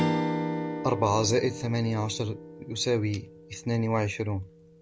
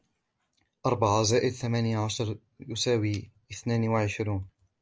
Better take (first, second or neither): second